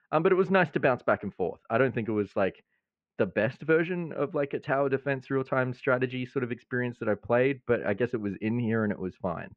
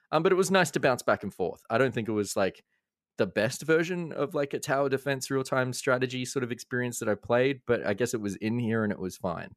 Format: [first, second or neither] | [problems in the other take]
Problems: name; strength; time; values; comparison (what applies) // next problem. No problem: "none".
second | muffled; very; fading above 2.5 kHz